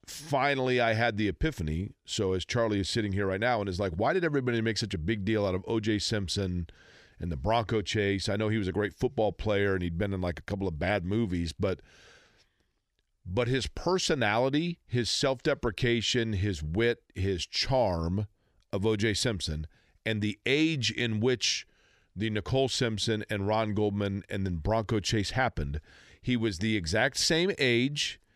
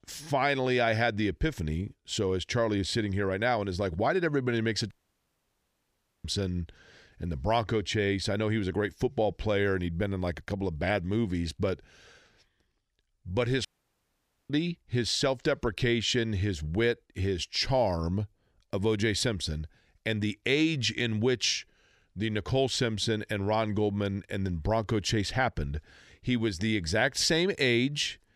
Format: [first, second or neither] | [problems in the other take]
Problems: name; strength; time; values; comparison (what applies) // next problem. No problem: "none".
first | audio cutting out; at 5 s for 1.5 s and at 14 s for 1 s